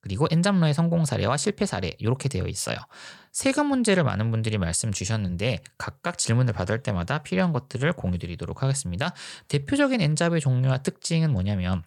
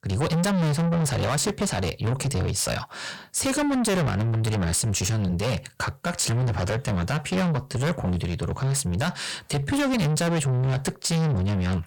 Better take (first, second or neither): first